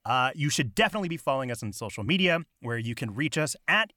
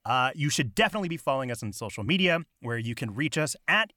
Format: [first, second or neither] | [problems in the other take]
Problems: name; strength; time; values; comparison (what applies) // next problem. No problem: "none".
neither | none